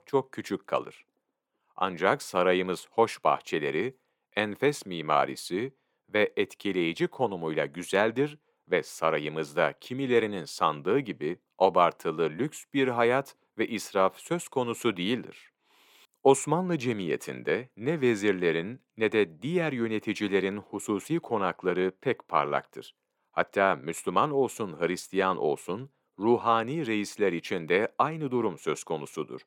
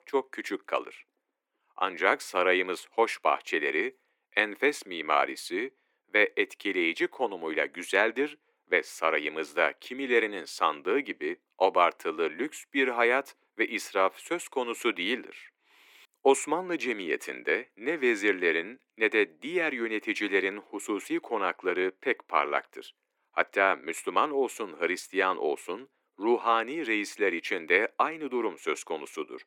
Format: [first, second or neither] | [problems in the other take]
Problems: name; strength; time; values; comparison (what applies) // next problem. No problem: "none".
first | thin; very slightly; fading below 300 Hz